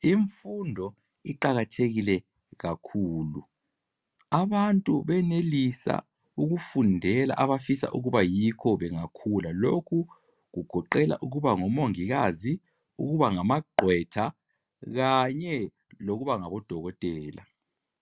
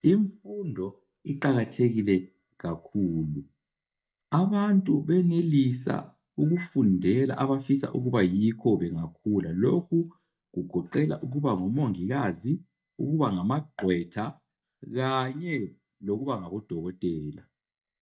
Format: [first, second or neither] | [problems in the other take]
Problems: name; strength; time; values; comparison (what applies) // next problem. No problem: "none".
first | noise reduction (neural mask model DeepFilterNet 3)